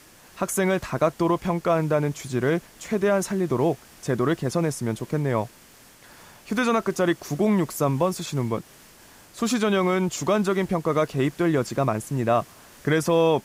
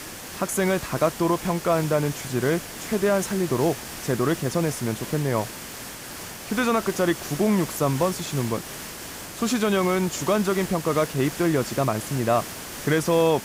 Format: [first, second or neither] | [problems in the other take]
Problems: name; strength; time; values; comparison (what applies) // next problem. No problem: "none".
first | hiss; loud; throughout; 10 dB below the speech; faint in the first